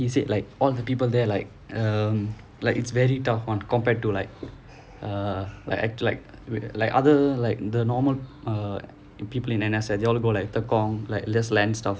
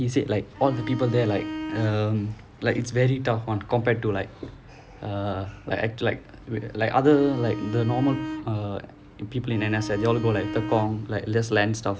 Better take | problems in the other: first | background sound (Bowed string instrument); 9 dB below the speech

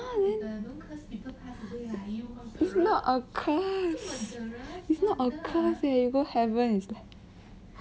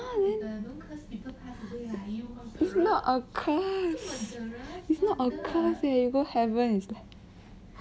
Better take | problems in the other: first | background sound (Ringtone / Chime); 16 dB below the speech

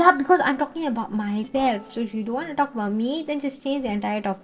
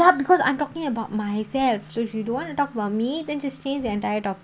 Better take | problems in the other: second | noise reduction (neural separator model SepFormer DNS4)

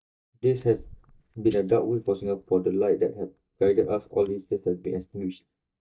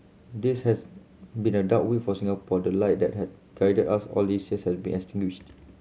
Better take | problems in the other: second | noise reduction (neural mask model DeepFilterNet 3)

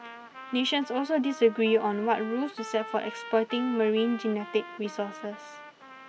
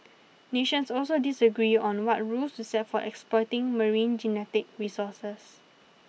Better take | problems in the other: second | background sound (Trumpet); 15 dB below the speech

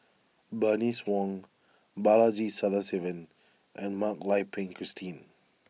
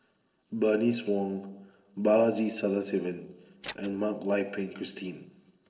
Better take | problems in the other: first | noise reduction (neural separator model SepFormer DNS4)

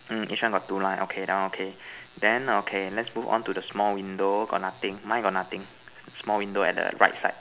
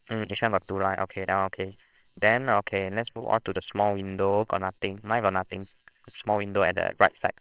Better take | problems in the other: first | noise reduction (neural separator model SepFormer WHAMR!)

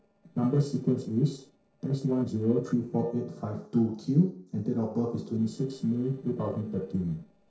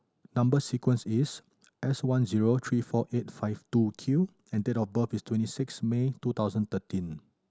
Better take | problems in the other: second | noise reduction (neural separator model SepFormer DNS4)

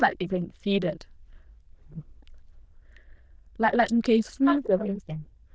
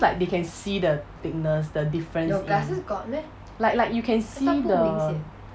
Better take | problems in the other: second | noise reduction (neural diffusion model UNIVERSE++)

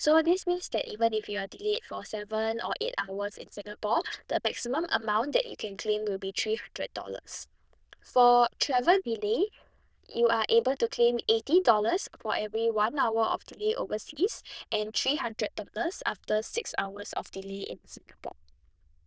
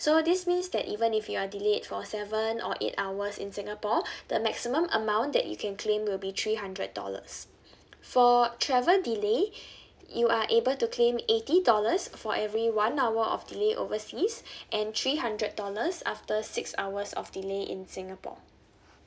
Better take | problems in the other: second | noise reduction (neural diffusion model UNIVERSE++)

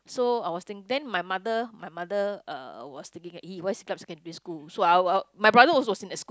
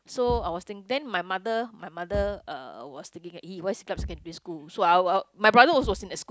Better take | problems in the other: first | background sound (Thump, thud); 15 dB below the speech

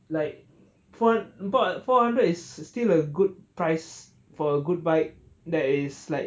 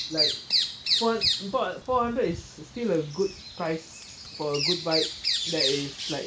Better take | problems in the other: first | background sound (Bird vocalization, bird call, bird song); 1 dB below the speech

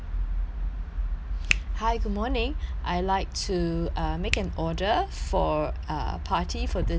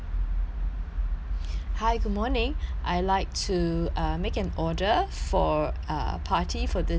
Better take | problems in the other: second | background sound (Hands); 12 dB below the speech

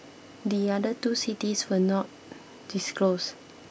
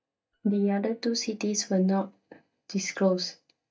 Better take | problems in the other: first | noise reduction (neural mask model DeepFilterNet 3)

